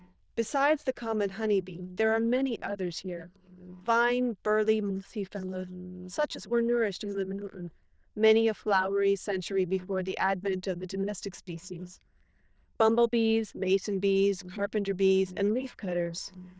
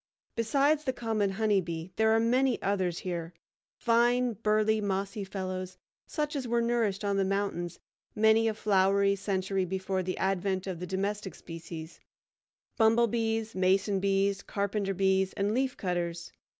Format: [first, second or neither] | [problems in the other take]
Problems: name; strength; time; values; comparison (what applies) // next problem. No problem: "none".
second | noise reduction (neural diffusion model UNIVERSE++)